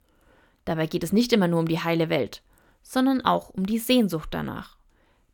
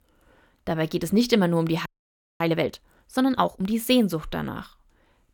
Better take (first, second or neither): first